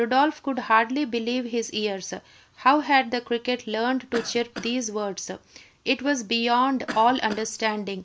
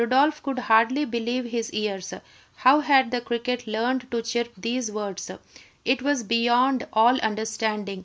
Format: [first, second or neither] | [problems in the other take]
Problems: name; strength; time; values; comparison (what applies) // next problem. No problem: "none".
second | background sound (Cough); 14 dB below the speech